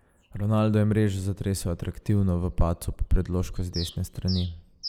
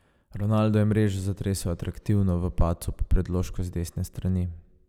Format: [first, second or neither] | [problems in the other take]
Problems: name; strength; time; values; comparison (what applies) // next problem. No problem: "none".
second | noise reduction (neural mask model Resemble Enhance denoiser)